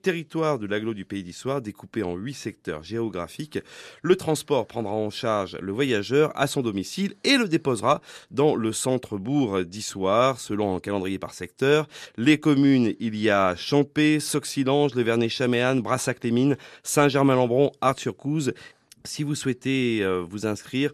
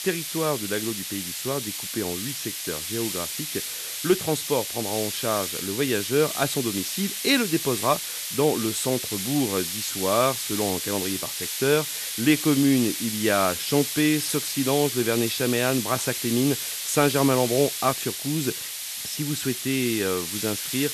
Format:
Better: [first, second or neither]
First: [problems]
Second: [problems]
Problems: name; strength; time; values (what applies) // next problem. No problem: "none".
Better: first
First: none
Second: hiss; loud; throughout; 3 dB below the speech